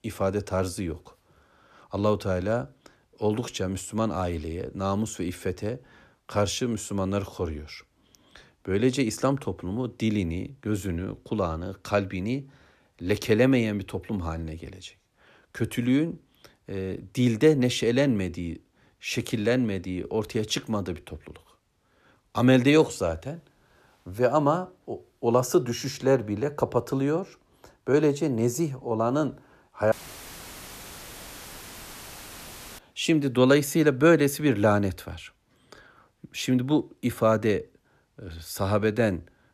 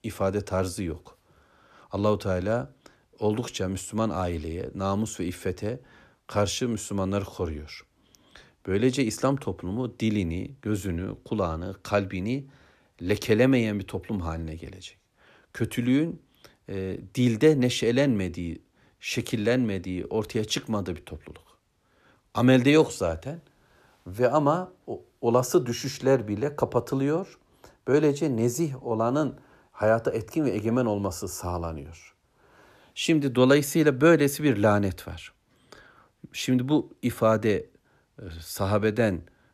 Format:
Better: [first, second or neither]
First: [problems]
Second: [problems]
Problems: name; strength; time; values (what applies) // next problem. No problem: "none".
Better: second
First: audio cutting out; filled with static; at 30 s for 3 s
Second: none